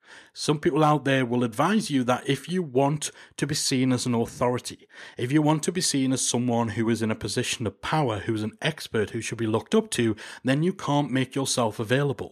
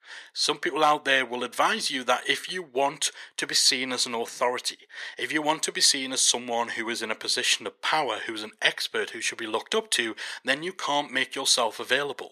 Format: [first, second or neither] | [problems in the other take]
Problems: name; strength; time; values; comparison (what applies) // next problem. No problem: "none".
first | thin; very; fading below 550 Hz